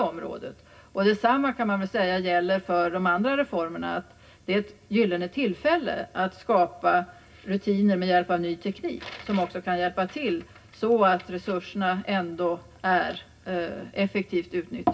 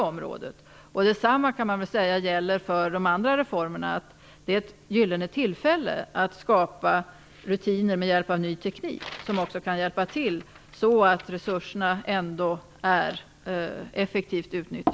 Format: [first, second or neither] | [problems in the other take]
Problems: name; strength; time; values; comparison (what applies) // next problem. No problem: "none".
second | room echo; dies away in 0.4 s